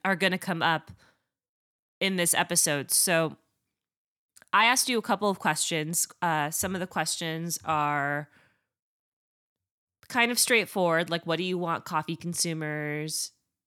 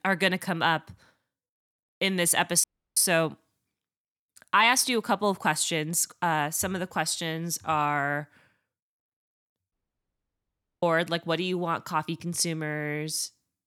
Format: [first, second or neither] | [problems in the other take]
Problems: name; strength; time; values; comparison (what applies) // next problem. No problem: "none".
first | audio cutting out; at 2.5 s and at 9.5 s for 1 s